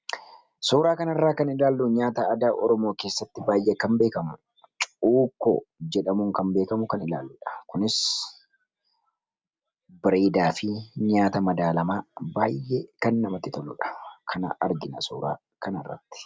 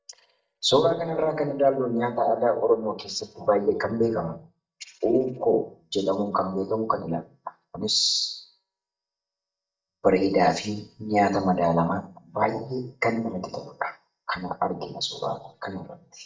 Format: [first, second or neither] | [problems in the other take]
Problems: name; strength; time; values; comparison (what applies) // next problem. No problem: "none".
first | noise reduction (neural mask model DeepFilterNet 3)